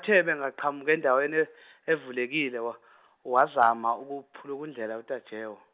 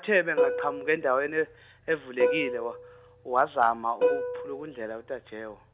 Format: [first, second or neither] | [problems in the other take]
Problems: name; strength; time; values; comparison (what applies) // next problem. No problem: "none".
first | background sound (Plucked string instrument); 2 dB below the speech